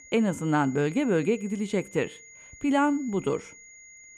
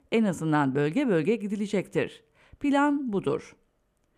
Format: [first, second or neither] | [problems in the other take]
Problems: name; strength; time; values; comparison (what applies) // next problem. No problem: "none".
second | high-pitched whine; faint; throughout; 2 kHz, 20 dB below the speech